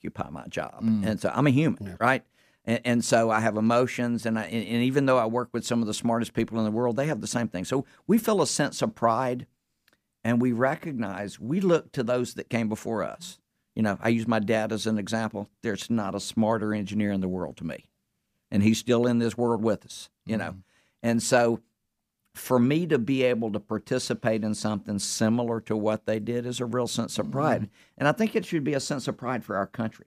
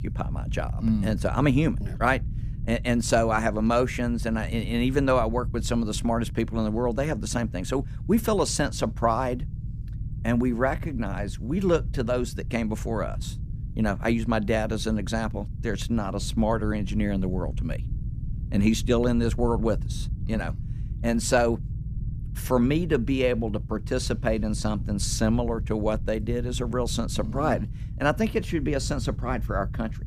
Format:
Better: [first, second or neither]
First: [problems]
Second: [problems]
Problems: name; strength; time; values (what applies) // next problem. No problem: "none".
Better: first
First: none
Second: low rumble; noticeable; throughout; 20 dB below the speech